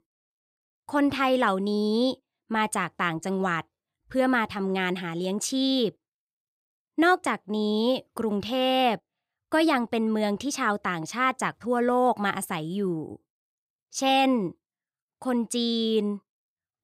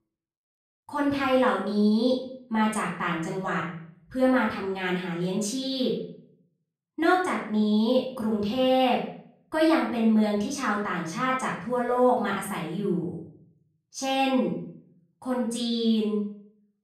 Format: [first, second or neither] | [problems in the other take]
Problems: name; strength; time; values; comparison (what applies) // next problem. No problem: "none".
first | off-mic speech; far // room echo; noticeable; dies away in 0.5 s